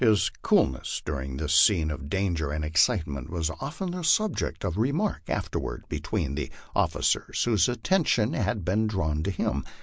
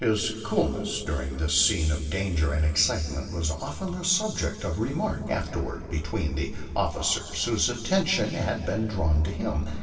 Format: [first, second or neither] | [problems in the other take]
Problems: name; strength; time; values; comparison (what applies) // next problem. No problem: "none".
first | room echo; dies away in 2.7 s